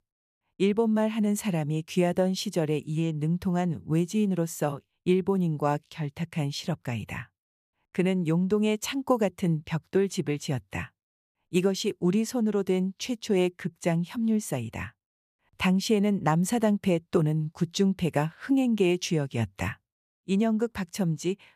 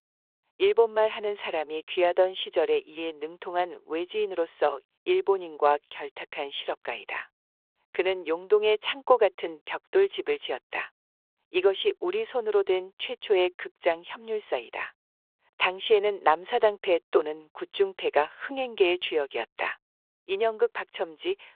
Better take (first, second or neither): first